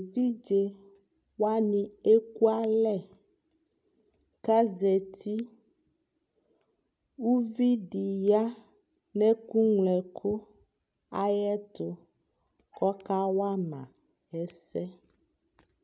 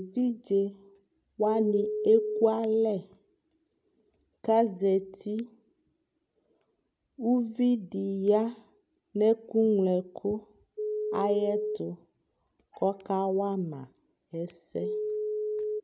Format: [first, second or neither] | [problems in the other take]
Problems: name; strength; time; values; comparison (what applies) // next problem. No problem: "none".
first | background sound (Telephone); 1 dB below the speech